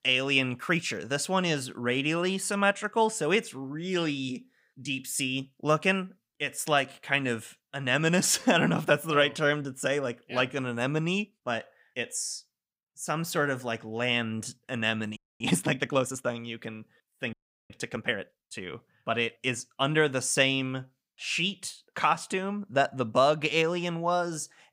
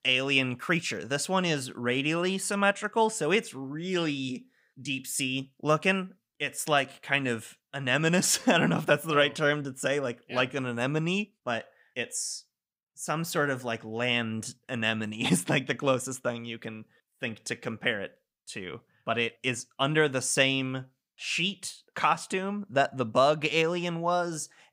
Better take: second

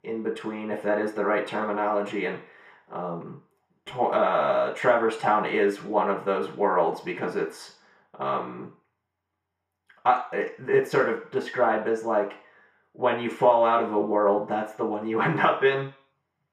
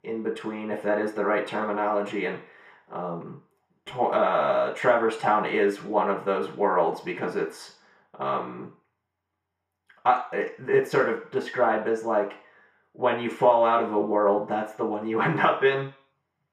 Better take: neither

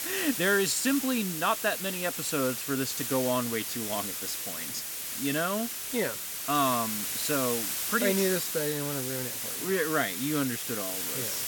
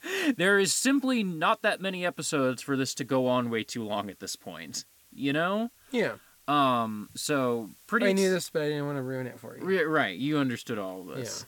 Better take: second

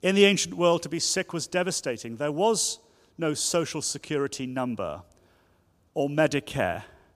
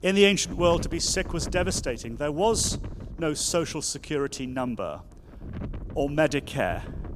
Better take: first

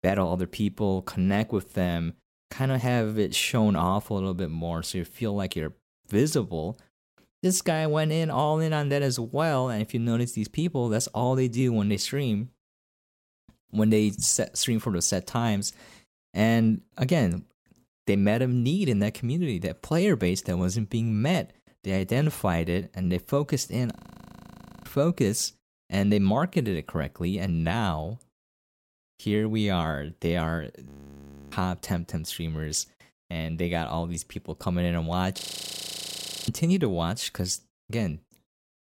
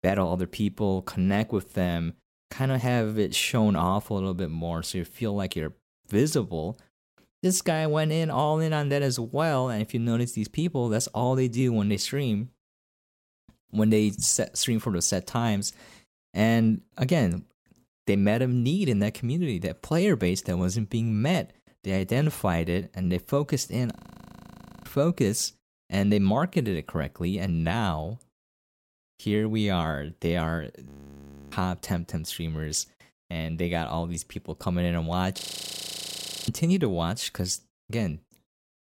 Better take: neither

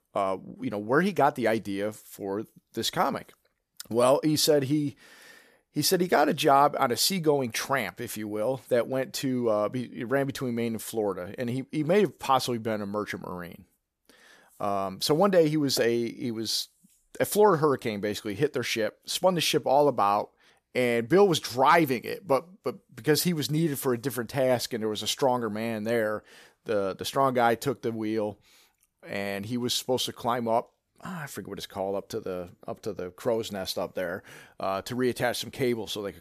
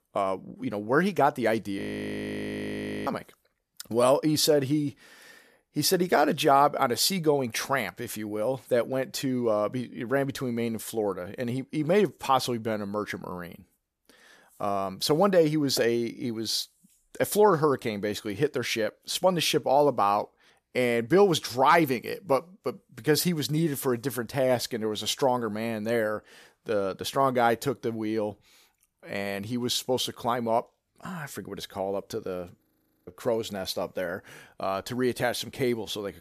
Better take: first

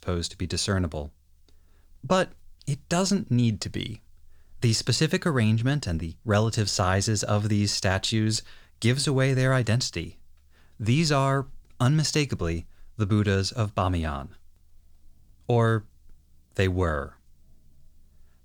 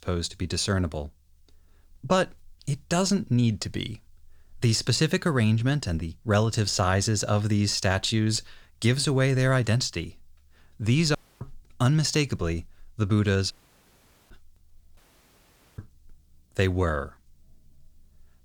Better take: first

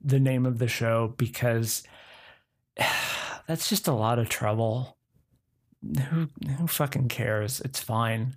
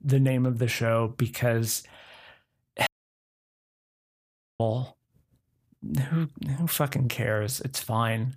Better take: first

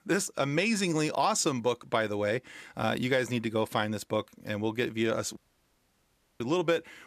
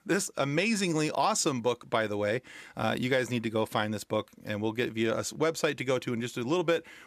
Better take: second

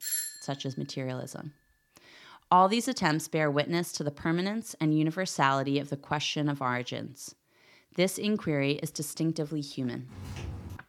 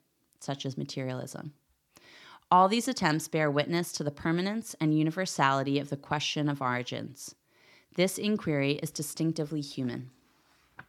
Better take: second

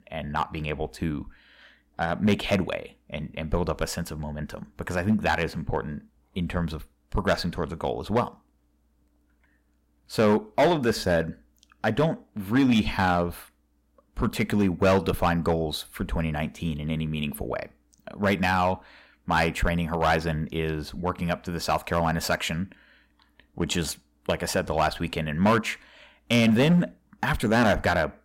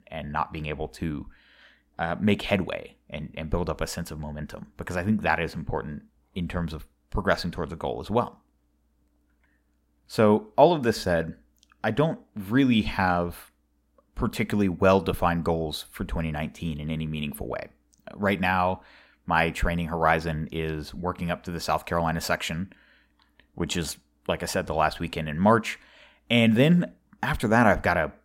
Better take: second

